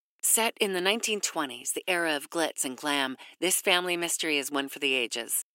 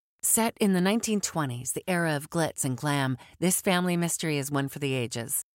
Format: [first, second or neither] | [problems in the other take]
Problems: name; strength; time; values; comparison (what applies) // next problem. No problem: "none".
second | thin; somewhat; fading below 300 Hz